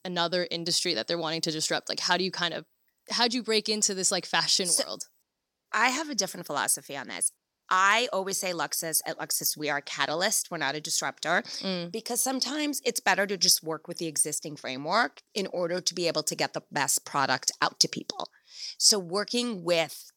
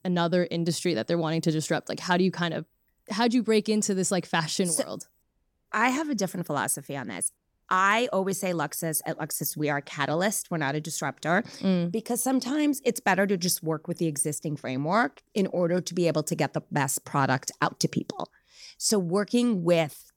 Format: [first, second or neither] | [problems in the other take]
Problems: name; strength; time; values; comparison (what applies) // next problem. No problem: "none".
second | thin; somewhat; fading below 600 Hz